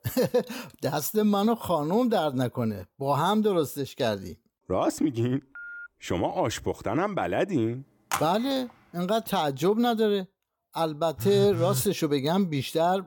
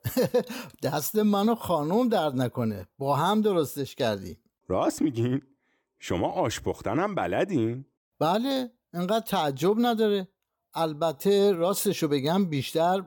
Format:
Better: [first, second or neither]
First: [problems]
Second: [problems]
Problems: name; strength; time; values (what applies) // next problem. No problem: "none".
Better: second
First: phone ringing; faint; at 5.5 s; peak 15 dB below the speech // phone ringing; noticeable; at 8 s and at 11 s; peak 5 dB below the speech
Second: none